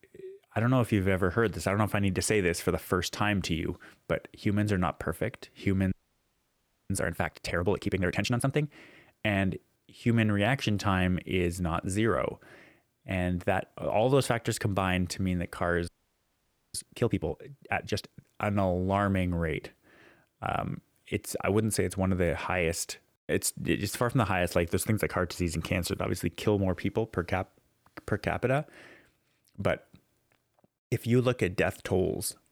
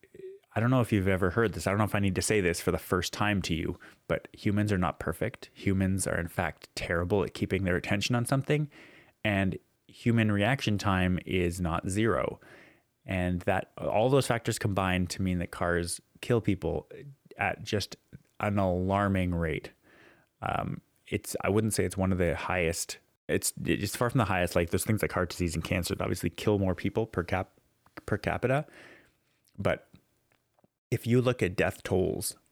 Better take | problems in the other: second | audio freezing; at 6 s for 1 s and at 16 s for 1 s

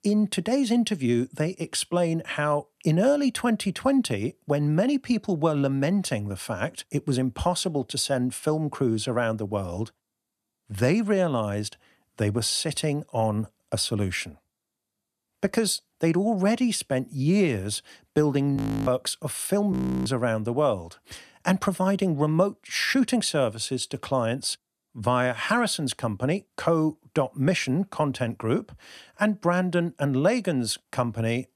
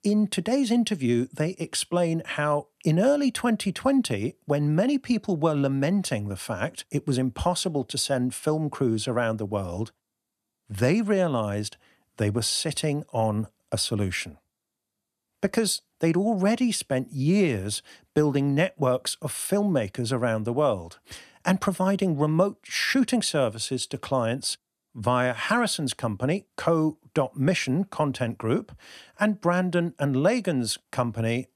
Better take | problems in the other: second | audio freezing; at 19 s and at 20 s

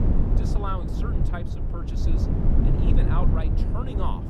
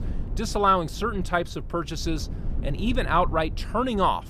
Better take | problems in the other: second | low rumble; loud; throughout; as loud as the speech; faint in the second

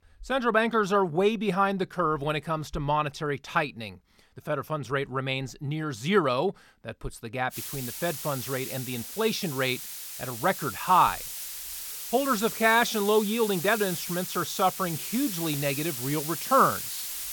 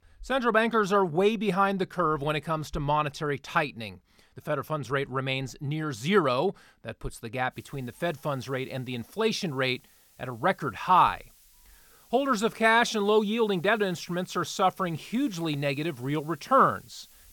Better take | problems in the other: second | hiss; loud; from 7.5 s on; 7 dB below the speech; faint in the second

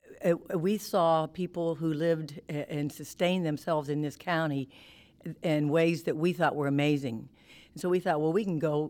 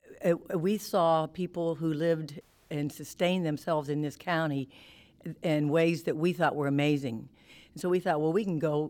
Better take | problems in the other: first | audio cutting out; at 2.5 s

